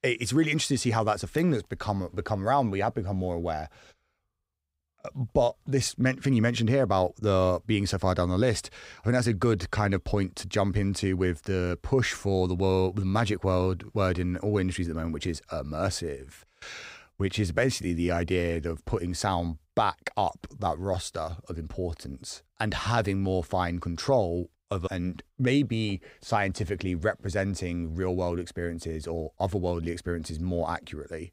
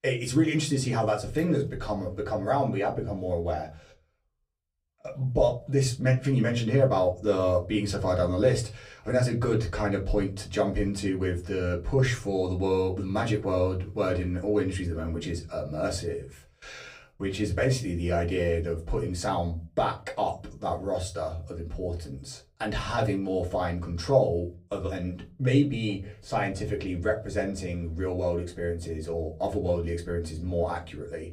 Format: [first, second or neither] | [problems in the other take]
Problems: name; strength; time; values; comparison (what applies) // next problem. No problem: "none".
first | off-mic speech; far // room echo; very slight; dies away in 0.3 s